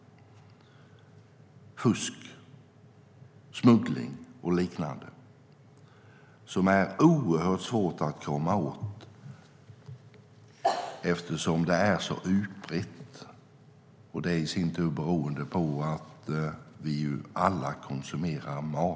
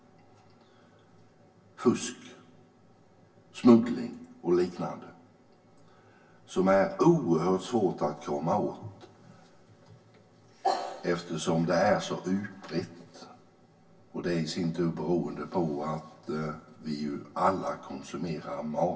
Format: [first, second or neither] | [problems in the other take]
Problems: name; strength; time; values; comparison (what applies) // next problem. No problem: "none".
first | room echo; dies away in 0.1 s